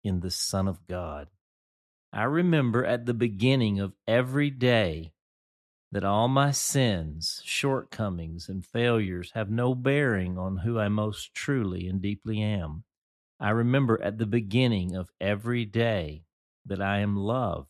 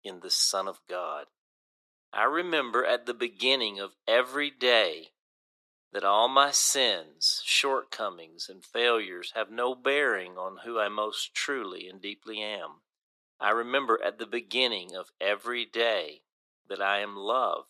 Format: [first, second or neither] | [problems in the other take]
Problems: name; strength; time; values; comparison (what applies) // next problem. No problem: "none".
first | thin; very; fading below 400 Hz